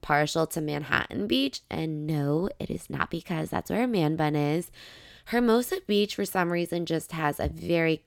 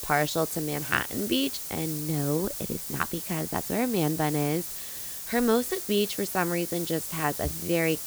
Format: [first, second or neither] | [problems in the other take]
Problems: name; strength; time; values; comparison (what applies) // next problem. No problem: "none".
first | hiss; loud; throughout; 5 dB below the speech